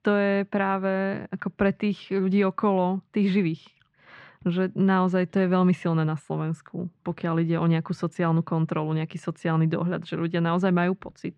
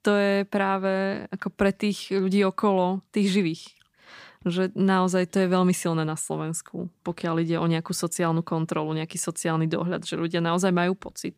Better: second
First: muffled; slightly; fading above 2.5 kHz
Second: none

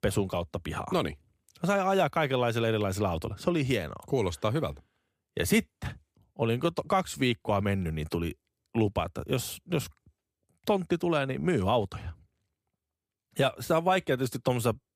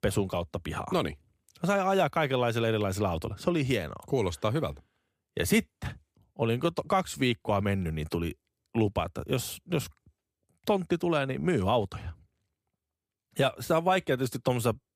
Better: neither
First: none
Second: none

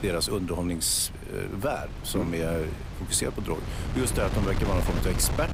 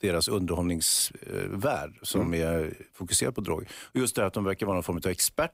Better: second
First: wind noise on the microphone; heavy; 9 dB below the speech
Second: none

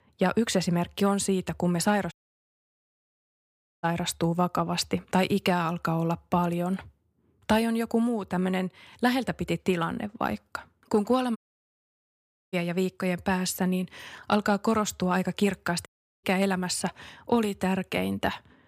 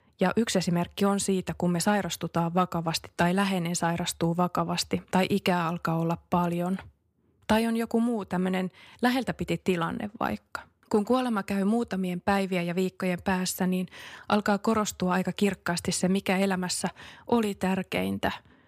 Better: second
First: audio cutting out; at 2 s for 1.5 s, at 11 s for 1 s and at 16 s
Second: none

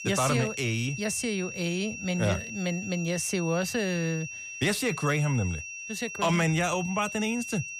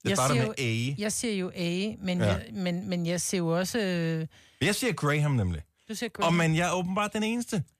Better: second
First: high-pitched whine; loud; throughout; 2.5 kHz, 8 dB below the speech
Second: none

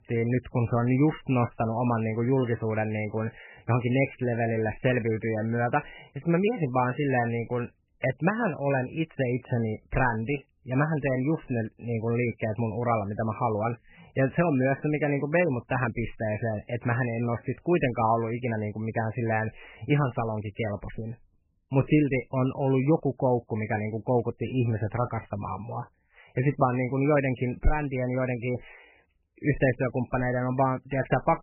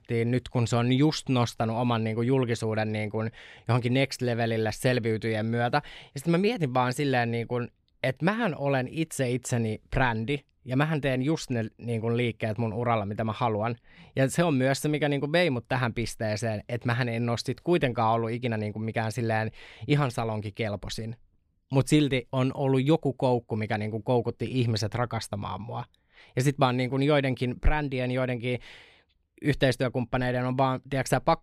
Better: second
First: garbled, watery; badly; nothing above 3 kHz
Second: none

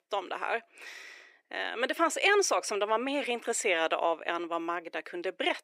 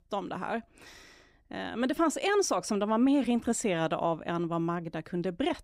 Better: second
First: thin; very; fading below 400 Hz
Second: none

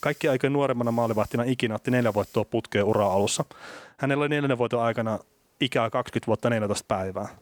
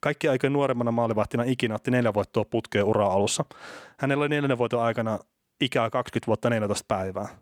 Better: second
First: hiss; faint; until 3.5 s and from 5 s on; 25 dB below the speech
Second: none

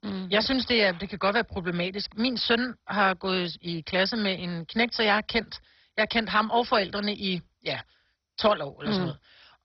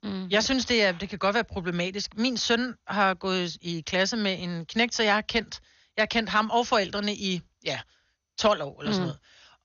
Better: second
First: garbled, watery; badly; nothing above 5.5 kHz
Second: garbled, watery; slightly; nothing above 6.5 kHz

